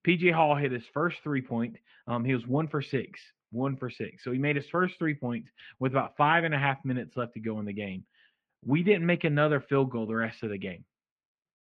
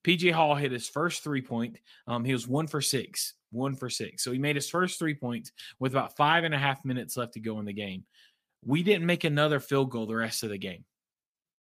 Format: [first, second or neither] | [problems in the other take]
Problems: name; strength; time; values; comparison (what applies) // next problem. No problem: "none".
second | muffled; very; fading above 2.5 kHz